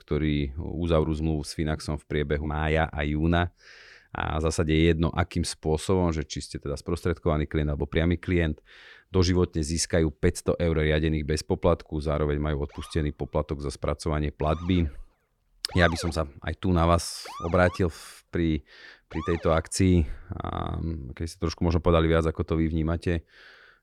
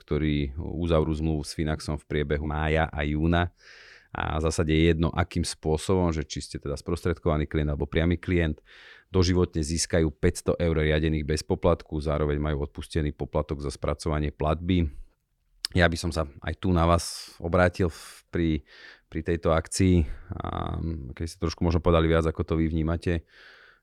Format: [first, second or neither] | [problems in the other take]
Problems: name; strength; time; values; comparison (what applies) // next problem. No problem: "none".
second | siren; noticeable; from 13 to 20 s; peak 10 dB below the speech